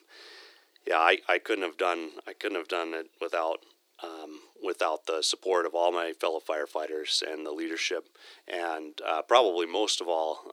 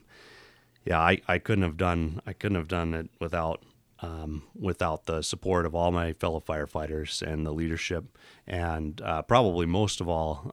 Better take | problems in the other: second | thin; very; fading below 350 Hz

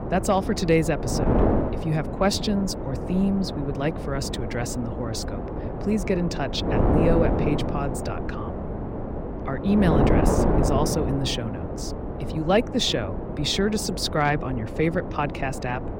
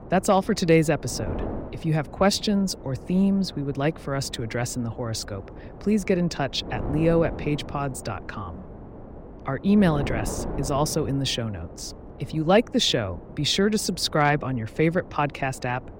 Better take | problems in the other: second | wind noise on the microphone; heavy; 3 dB below the speech; occasional gusts in the second

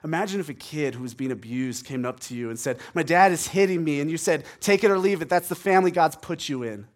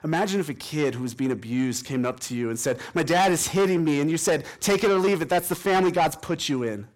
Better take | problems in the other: first | distortion; heavy; 7 dB below the speech

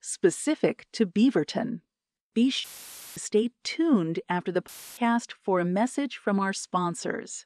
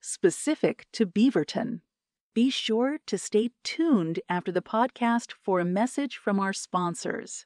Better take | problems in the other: second | audio cutting out; filled with static; at 2.5 s for 0.5 s and at 4.5 s

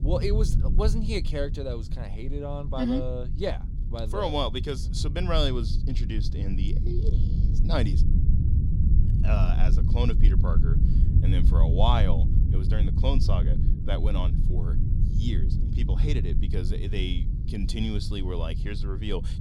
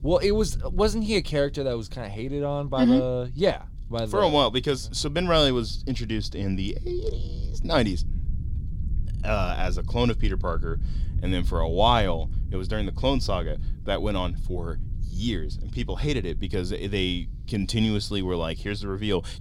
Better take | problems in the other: second | low rumble; loud; throughout; 8 dB below the speech; faint in the second

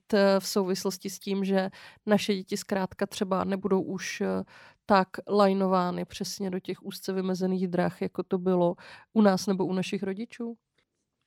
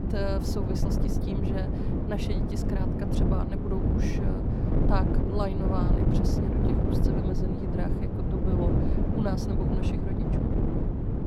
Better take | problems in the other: first | wind noise on the microphone; heavy; 3 dB above the speech

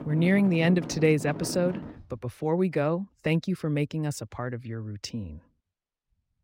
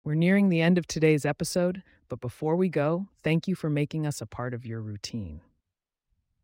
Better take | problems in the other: second | traffic noise; very faint; until 2 s; 10 dB below the speech

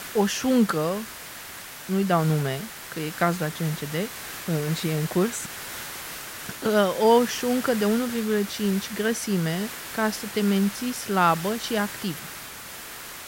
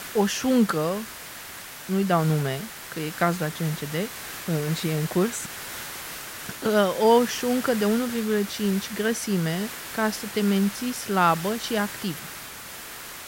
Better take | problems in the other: neither | hiss; noticeable; throughout; 10 dB below the speech; the same in both

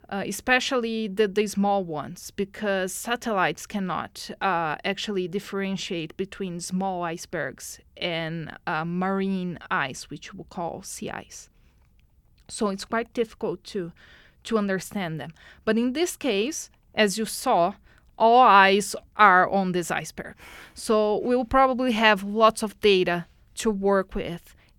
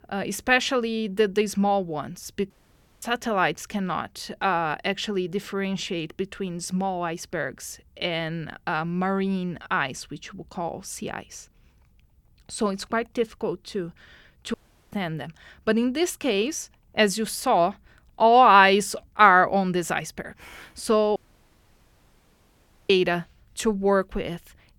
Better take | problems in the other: first | audio cutting out; at 2.5 s for 0.5 s, at 15 s and at 21 s for 1.5 s

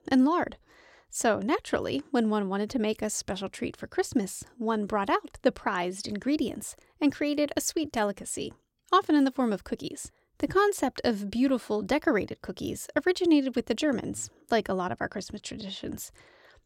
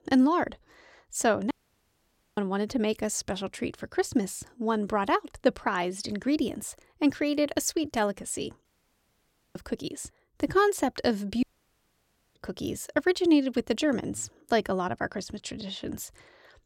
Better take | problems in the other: first | audio cutting out; at 1.5 s for 1 s, at 8.5 s for 1 s and at 11 s for 1 s

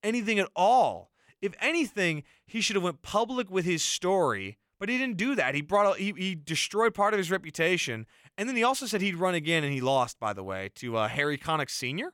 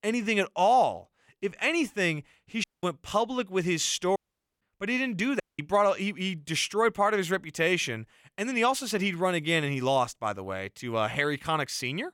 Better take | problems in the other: first | audio cutting out; at 2.5 s, at 4 s and at 5.5 s

